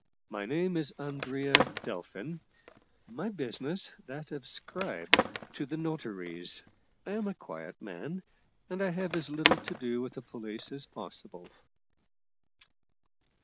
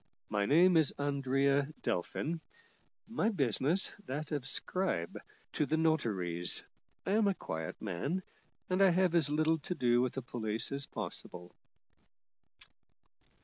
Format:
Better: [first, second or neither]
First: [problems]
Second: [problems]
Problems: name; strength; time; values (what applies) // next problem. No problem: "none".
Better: second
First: background sound (Skateboard); 1 dB above the speech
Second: none